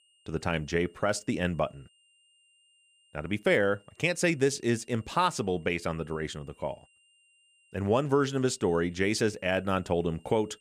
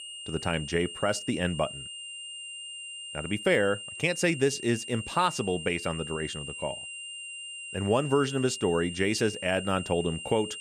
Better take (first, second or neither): first